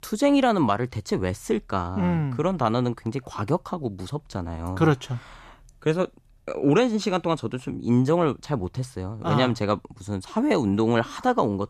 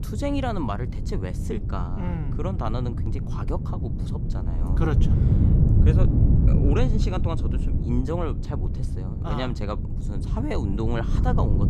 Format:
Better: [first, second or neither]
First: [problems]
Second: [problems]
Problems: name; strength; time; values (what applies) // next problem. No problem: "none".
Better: first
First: none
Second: wind noise on the microphone; heavy; 4 dB below the speech